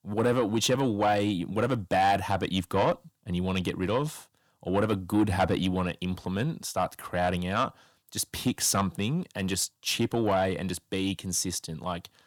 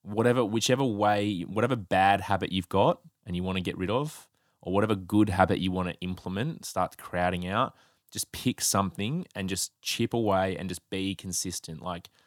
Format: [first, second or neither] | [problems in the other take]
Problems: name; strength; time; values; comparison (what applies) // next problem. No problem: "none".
second | distortion; slight; 10 dB below the speech